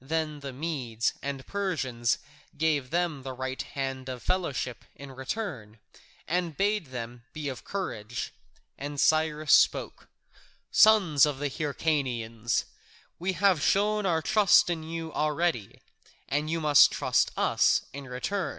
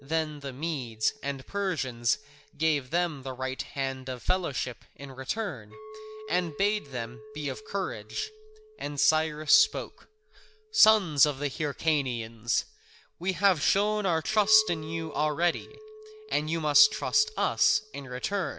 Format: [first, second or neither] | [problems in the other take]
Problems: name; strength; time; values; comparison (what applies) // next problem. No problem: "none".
first | background sound (Chink, clink); 20 dB below the speech